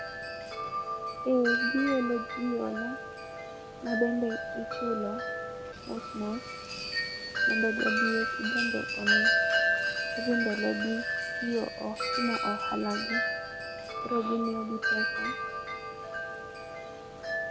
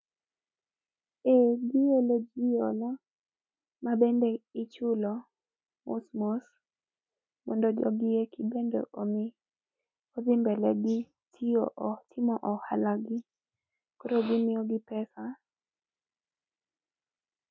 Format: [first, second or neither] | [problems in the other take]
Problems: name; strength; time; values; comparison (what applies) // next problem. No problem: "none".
second | background sound (Wind chime); 2 dB above the speech